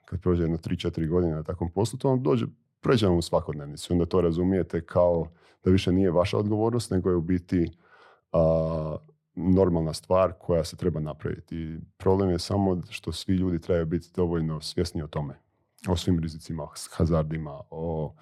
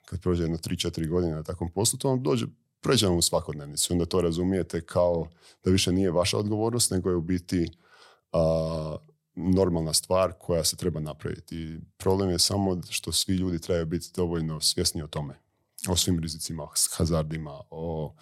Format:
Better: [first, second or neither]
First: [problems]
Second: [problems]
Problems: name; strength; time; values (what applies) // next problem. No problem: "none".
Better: second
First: muffled; slightly; fading above 3.5 kHz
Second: none